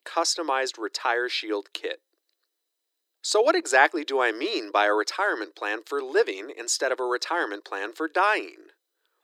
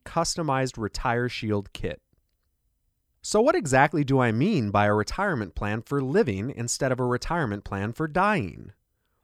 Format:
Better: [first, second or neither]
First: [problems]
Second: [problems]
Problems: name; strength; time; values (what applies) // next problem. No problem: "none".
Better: second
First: thin; very; fading below 300 Hz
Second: none